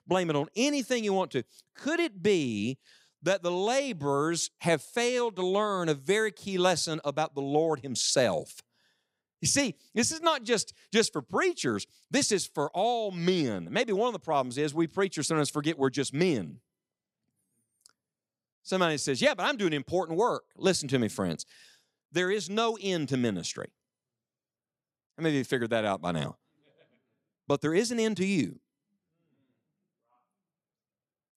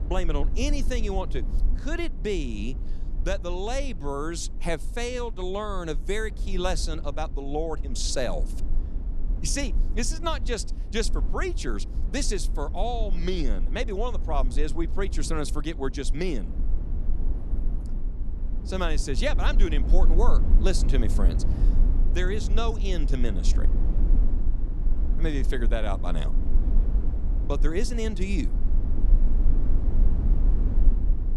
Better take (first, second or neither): first